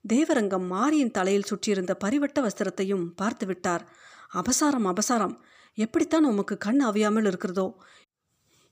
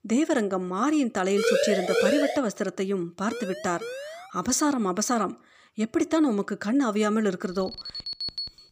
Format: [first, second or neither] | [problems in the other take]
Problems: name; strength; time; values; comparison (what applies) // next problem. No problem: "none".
first | siren; loud; from 1.5 to 2.5 s; peak 3 dB above the speech // siren; noticeable; from 3.5 to 4.5 s; peak 10 dB below the speech // alarm; noticeable; from 7.5 s on; peak 4 dB below the speech